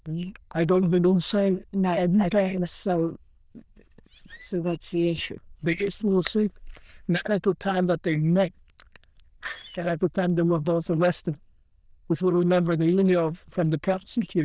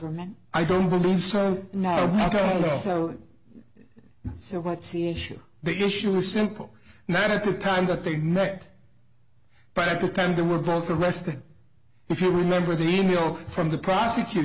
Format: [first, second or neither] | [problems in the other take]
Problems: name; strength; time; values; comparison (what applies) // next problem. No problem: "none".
second | noise reduction (neural diffusion model UNIVERSE++)